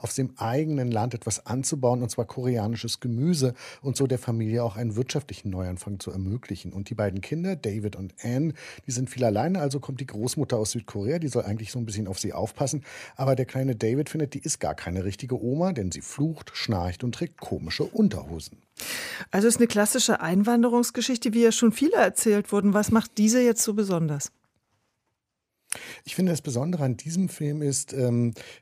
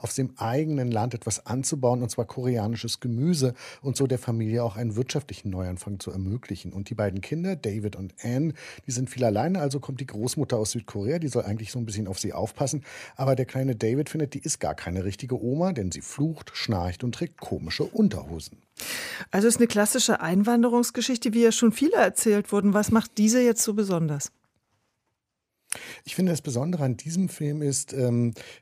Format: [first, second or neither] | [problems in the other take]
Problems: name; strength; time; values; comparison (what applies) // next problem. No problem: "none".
neither | none